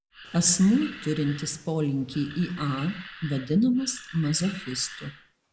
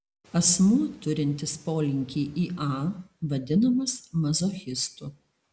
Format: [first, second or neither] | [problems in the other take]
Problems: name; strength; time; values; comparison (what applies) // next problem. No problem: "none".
second | background sound (Animal); 17 dB below the speech